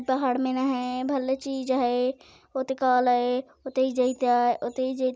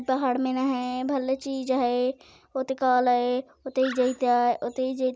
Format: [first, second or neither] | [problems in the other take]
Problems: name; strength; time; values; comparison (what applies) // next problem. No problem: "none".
first | background sound (Animal); 17 dB below the speech